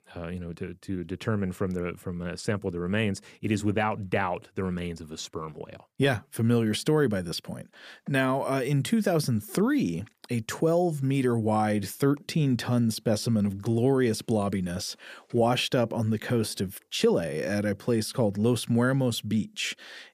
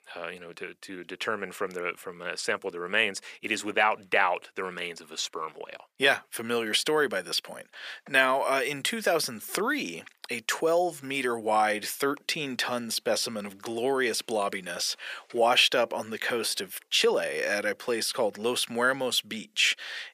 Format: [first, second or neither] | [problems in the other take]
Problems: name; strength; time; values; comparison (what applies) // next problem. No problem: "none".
first | thin; very; fading below 550 Hz